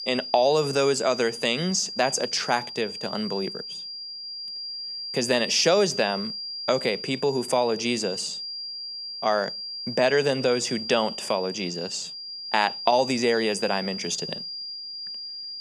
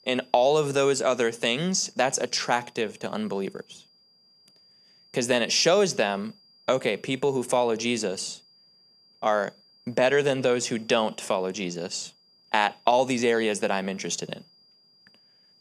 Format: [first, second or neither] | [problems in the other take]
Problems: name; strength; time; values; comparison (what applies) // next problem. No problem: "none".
second | high-pitched whine; loud; throughout; 5 kHz, 8 dB below the speech; faint in the second